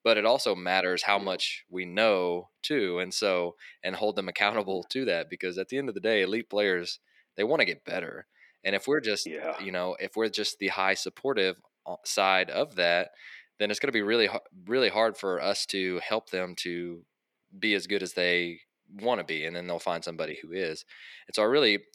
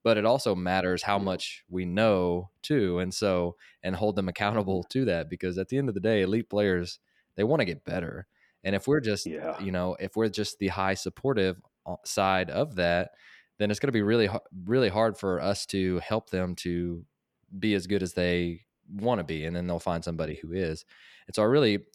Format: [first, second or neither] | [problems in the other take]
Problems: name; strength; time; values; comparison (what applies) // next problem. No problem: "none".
second | thin; somewhat; fading below 350 Hz